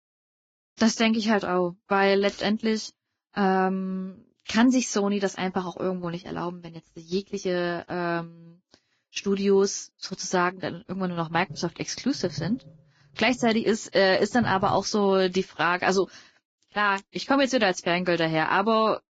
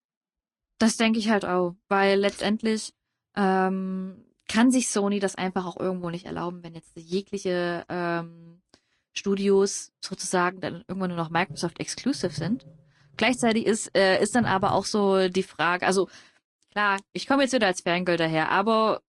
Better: second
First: garbled, watery; badly; nothing above 7.5 kHz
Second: garbled, watery; slightly; nothing above 10.5 kHz

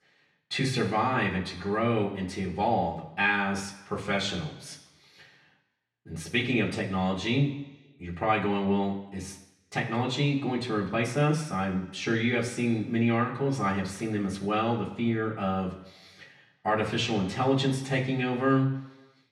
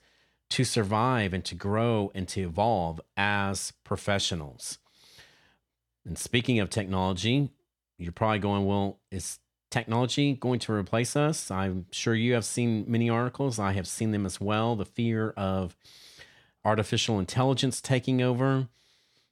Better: second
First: room echo; slight; dies away in 1 s // off-mic speech; far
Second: none

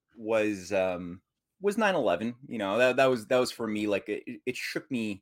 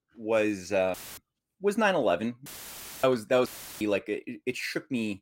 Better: first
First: none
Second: audio cutting out; filled with static; at 1 s, at 2.5 s for 0.5 s and at 3.5 s

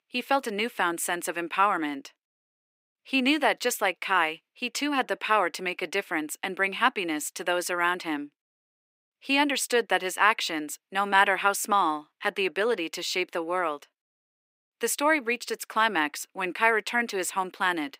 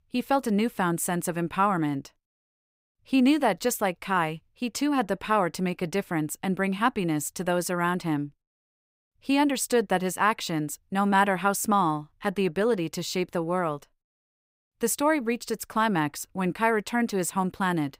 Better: second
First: thin; somewhat; fading below 300 Hz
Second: none

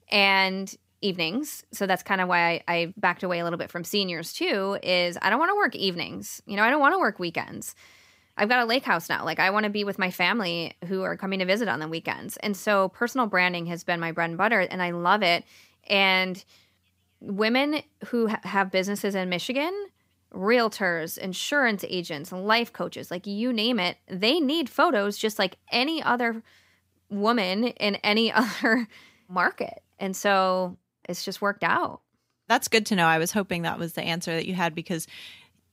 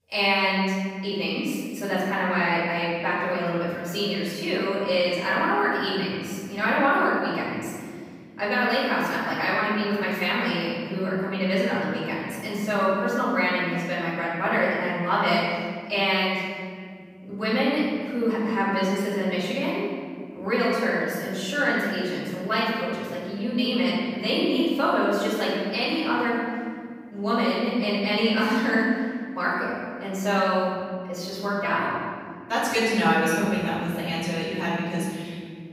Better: first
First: none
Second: room echo; strong; dies away in 2.3 s // off-mic speech; far

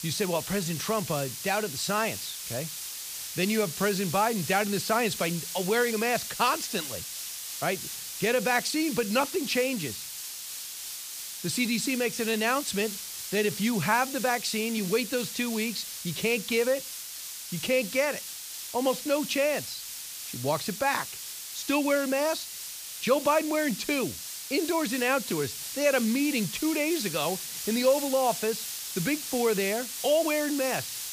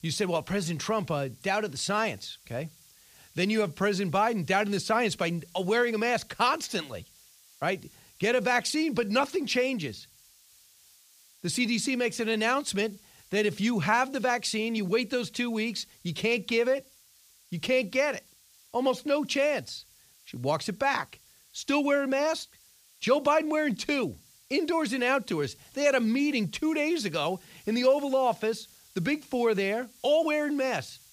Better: second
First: hiss; loud; throughout; 7 dB below the speech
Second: hiss; faint; throughout; 25 dB below the speech

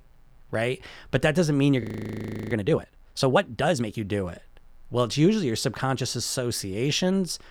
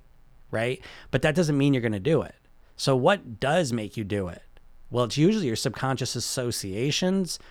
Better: second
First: audio freezing; at 2 s for 0.5 s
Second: none

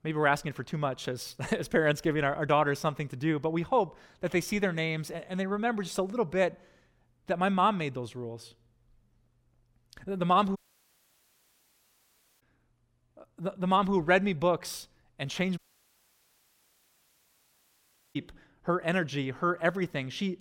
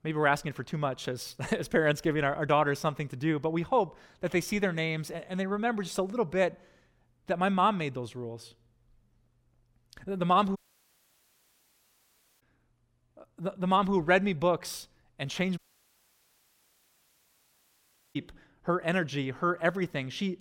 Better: neither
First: audio cutting out; at 11 s for 2 s and at 16 s for 2.5 s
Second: audio cutting out; at 11 s for 2 s and at 16 s for 2.5 s

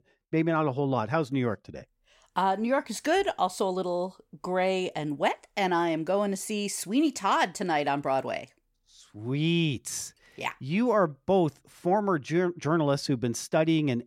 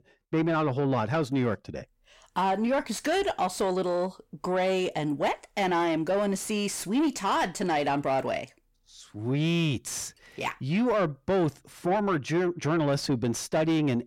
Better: first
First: none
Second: distortion; slight; 10 dB below the speech

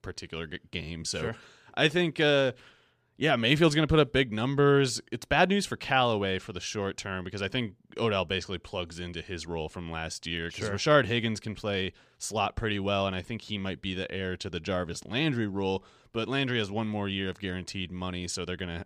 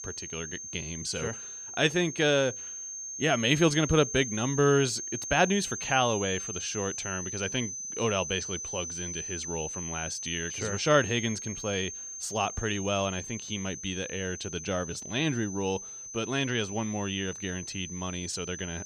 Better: first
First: none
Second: high-pitched whine; loud; throughout; 6.5 kHz, 7 dB below the speech

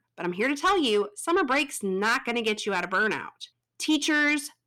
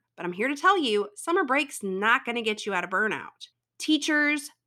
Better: second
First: distortion; slight; 10 dB below the speech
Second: none

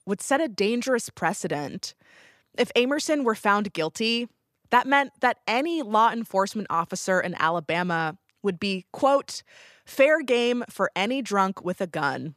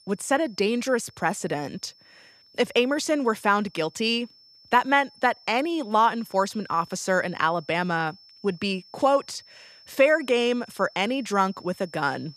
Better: first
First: none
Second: high-pitched whine; faint; throughout; 5.5 kHz, 25 dB below the speech

